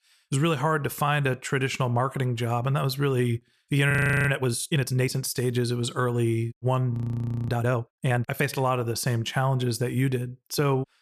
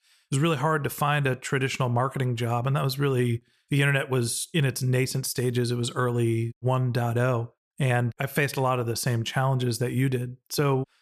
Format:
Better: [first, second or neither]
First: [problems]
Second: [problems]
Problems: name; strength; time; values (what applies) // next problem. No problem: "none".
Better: second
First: audio freezing; at 4 s and at 7 s for 0.5 s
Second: none